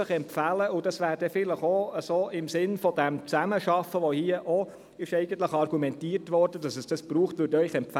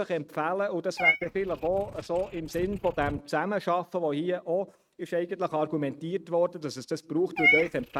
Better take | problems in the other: first | noise reduction (neural mask model RNNoise)

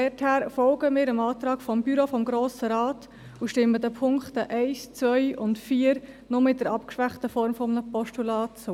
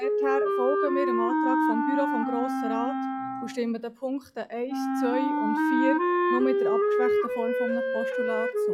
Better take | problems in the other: first | noise reduction (classical method log-MMSE)

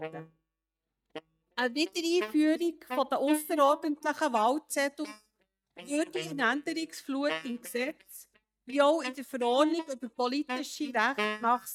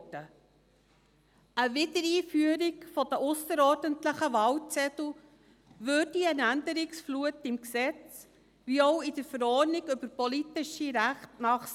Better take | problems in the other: second | noise reduction (neural mask model DeepFilterNet 3)

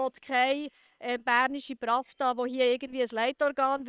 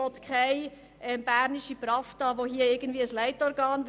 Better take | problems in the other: second | noise reduction (neural separator model SepFormer WHAM!)

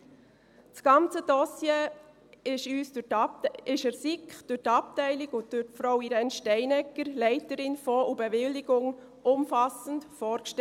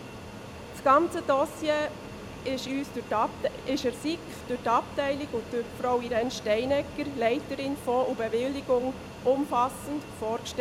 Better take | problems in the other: first | background sound (Fixed-wing aircraft, airplane); 13 dB below the speech

